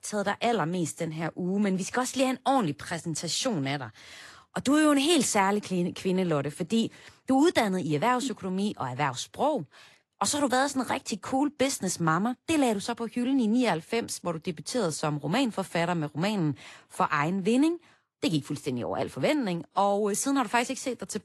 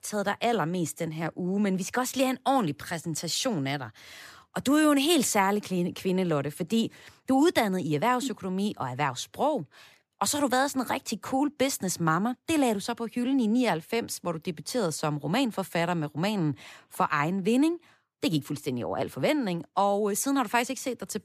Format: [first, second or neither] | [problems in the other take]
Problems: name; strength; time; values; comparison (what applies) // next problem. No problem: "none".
second | garbled, watery; slightly; nothing above 11.5 kHz